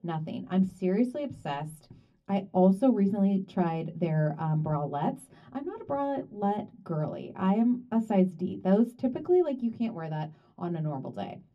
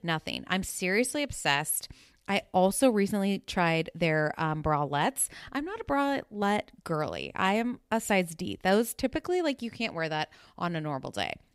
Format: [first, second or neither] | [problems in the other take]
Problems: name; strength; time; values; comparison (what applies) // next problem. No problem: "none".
second | room echo; very slight; dies away in 0.4 s // off-mic speech; far